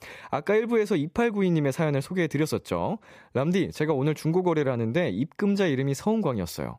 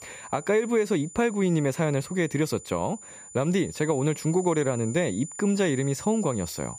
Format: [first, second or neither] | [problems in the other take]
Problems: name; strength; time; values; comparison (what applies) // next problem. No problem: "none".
first | high-pitched whine; noticeable; throughout; 7 kHz, 15 dB below the speech